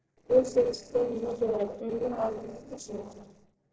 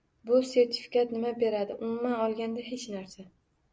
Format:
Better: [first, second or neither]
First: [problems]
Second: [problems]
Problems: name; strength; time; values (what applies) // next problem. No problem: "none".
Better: second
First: noise reduction (neural separator model SepFormer DNS4)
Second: none